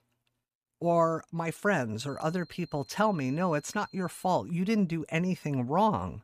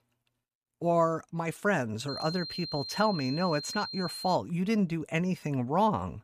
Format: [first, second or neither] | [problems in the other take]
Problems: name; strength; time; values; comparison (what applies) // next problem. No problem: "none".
first | high-pitched whine; loud; from 2 to 4.5 s; 4 kHz, 8 dB below the speech; faint in the first